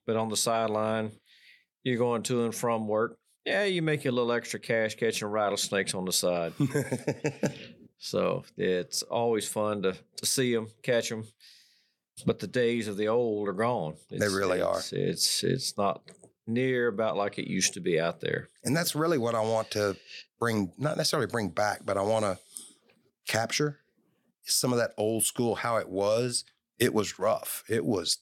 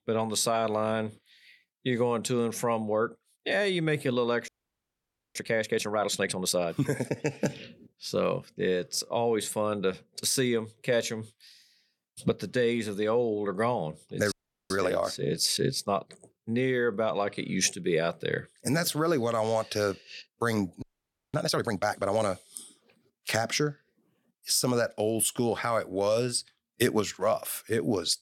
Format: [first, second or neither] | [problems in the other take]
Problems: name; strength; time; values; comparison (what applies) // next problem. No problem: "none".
first | audio freezing; at 4.5 s for 1 s, at 14 s and at 21 s for 0.5 s